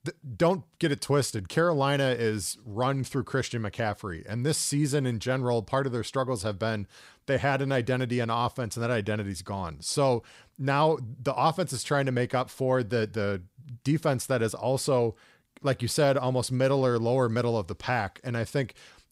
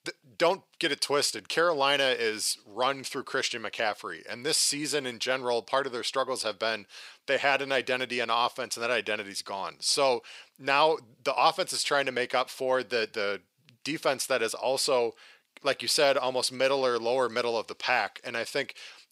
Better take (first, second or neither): first